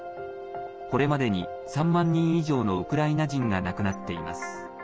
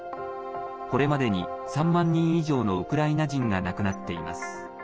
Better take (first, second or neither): first